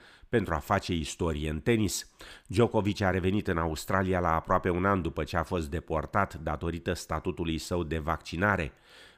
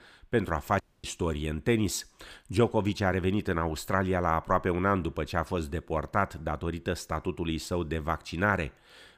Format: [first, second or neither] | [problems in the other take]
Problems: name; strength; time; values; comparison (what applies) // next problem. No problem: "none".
first | audio cutting out; at 1 s